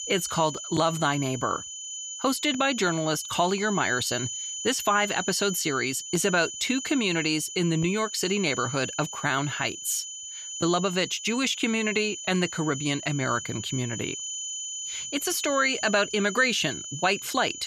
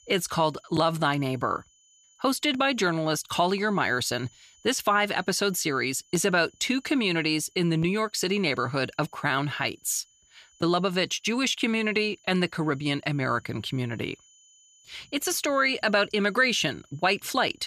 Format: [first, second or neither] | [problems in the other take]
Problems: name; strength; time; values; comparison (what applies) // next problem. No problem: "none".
second | high-pitched whine; loud; throughout; 7 kHz, 8 dB below the speech; faint in the second